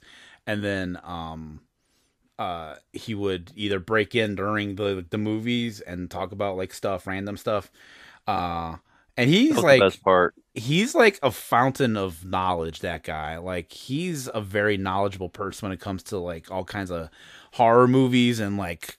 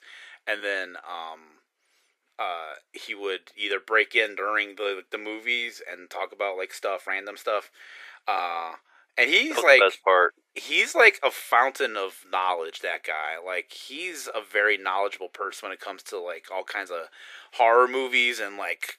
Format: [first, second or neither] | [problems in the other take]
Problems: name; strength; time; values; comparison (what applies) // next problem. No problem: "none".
first | thin; very; fading below 400 Hz